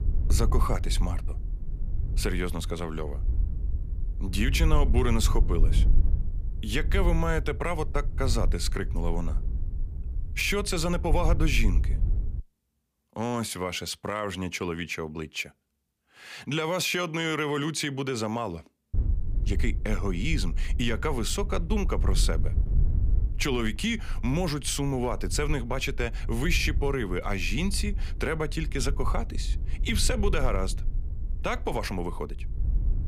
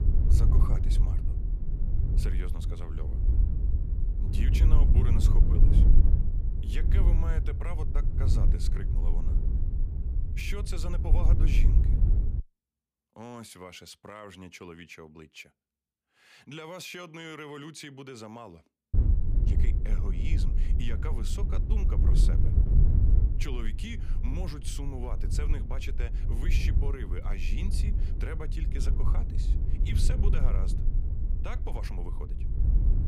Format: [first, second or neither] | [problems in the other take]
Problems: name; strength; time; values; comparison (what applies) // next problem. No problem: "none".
first | wind noise on the microphone; heavy; until 12 s and from 19 s on; 2 dB below the speech; occasional gusts in the first